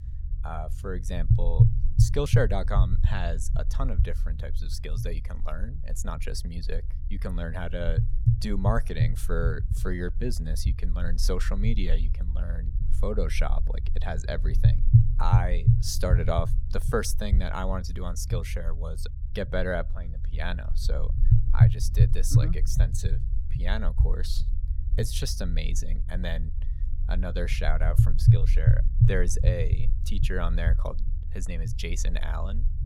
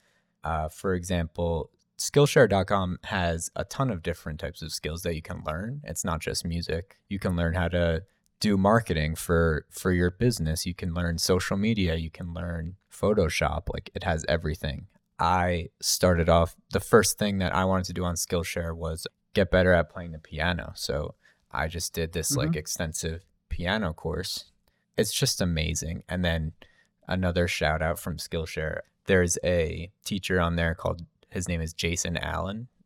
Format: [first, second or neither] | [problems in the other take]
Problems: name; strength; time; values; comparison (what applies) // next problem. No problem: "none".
second | low rumble; loud; throughout; 5 dB below the speech